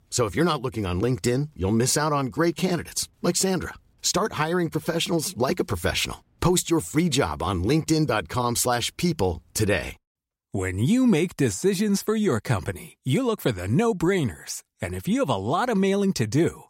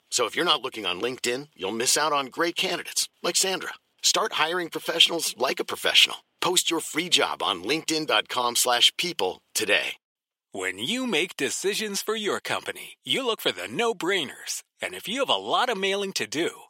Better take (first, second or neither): first